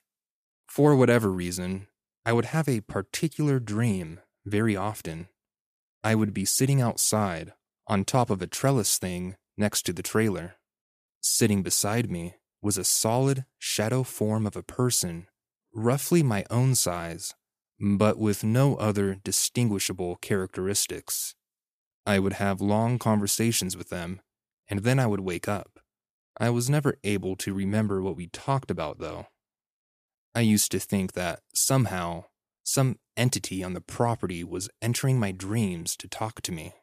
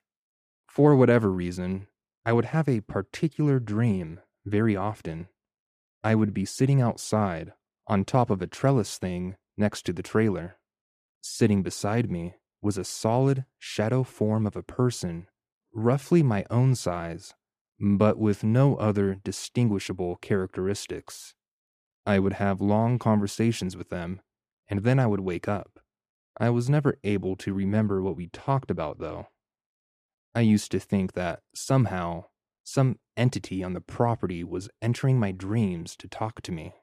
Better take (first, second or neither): first